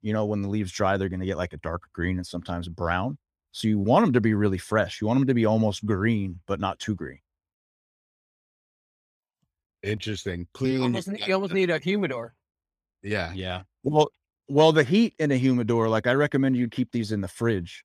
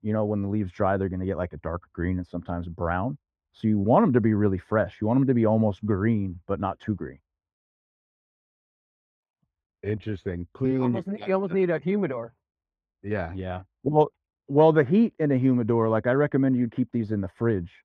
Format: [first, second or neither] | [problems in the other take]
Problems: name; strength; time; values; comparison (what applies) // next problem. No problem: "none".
first | muffled; very; fading above 3 kHz